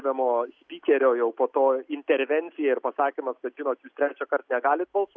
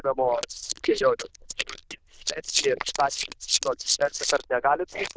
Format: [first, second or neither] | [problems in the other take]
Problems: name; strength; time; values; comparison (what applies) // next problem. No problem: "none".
first | noise reduction (neural diffusion model UNIVERSE++)